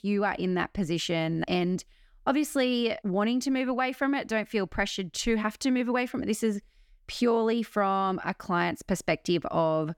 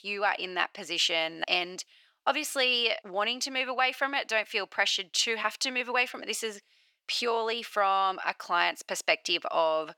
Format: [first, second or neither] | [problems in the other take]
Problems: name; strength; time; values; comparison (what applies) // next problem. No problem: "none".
first | thin; very; fading below 700 Hz